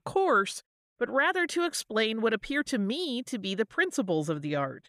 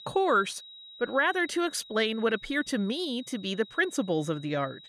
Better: first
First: none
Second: high-pitched whine; noticeable; throughout; 4 kHz, 20 dB below the speech

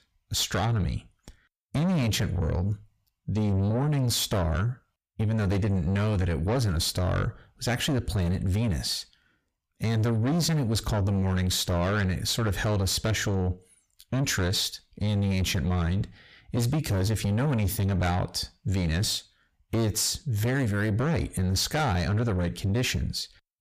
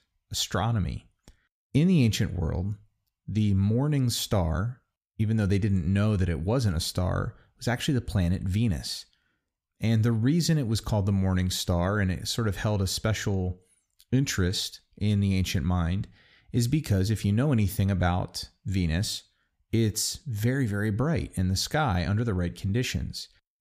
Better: second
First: distortion; heavy; 7 dB below the speech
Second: none

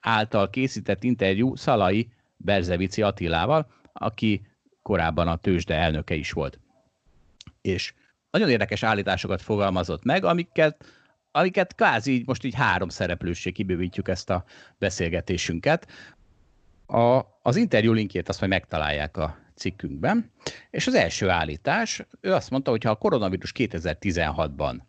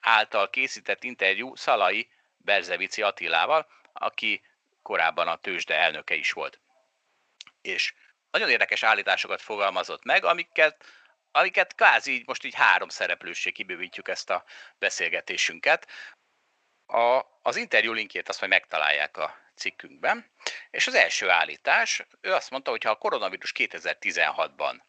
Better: first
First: none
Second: thin; very; fading below 800 Hz

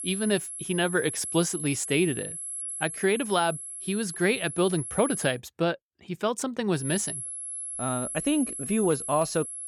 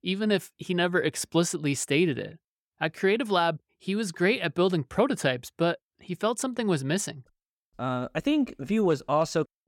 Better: second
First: high-pitched whine; loud; until 5.5 s and from 7 s on; 11 kHz, 6 dB below the speech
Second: none

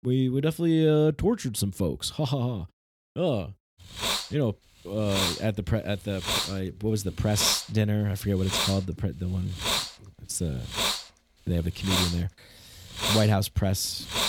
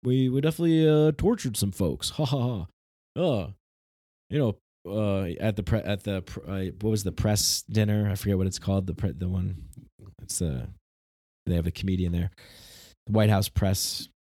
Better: second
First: hiss; loud; from 4 s on; 1 dB below the speech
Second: none

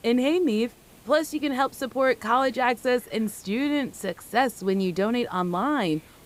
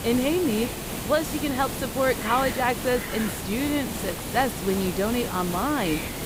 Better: first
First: hiss; faint; throughout; 25 dB below the speech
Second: hiss; loud; throughout; 5 dB below the speech

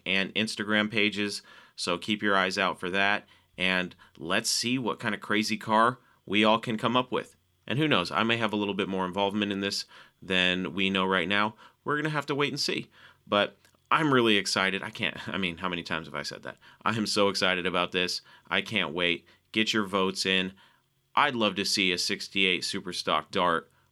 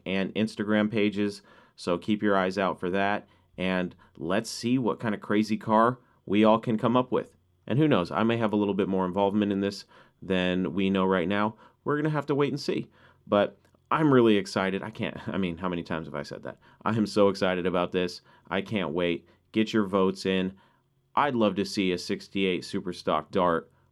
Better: first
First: none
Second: muffled; slightly; fading above 1.5 kHz

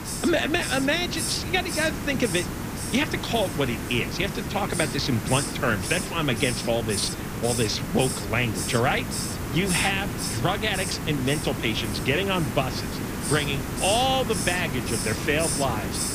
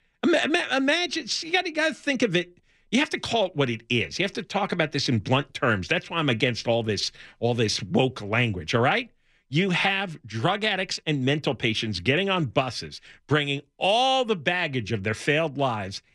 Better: second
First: hiss; loud; throughout; 4 dB below the speech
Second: none

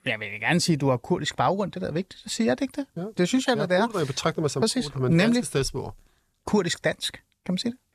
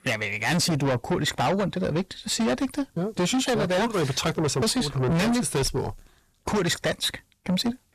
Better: first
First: none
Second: distortion; heavy; 6 dB below the speech

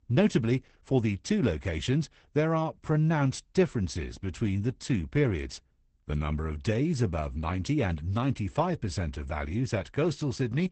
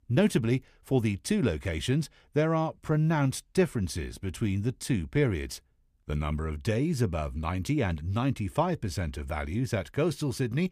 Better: second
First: garbled, watery; badly; nothing above 8 kHz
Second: none

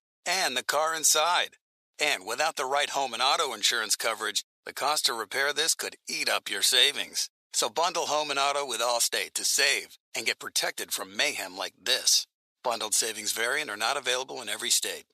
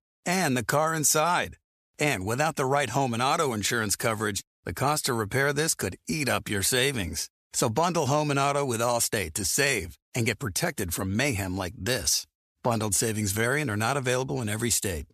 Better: second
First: thin; very; fading below 600 Hz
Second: none

